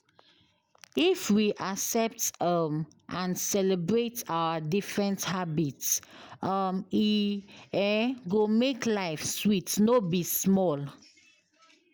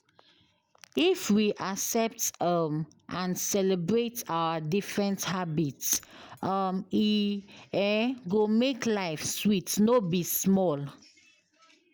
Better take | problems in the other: first | background sound (Shatter); 17 dB below the speech

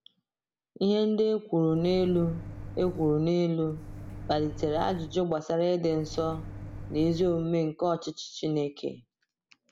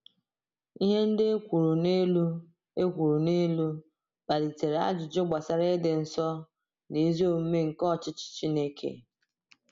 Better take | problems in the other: second | background sound (Microwave oven); 12 dB below the speech

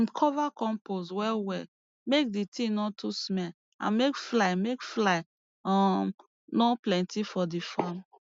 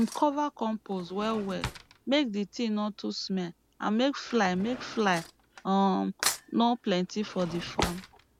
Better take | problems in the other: first | background sound (Cutlery, silverware / Drawer open or close); 12 dB below the speech

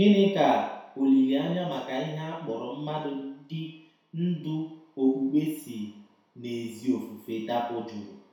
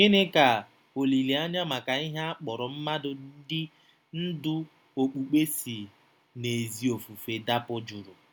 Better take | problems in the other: second | room echo; dies away in 0.7 s

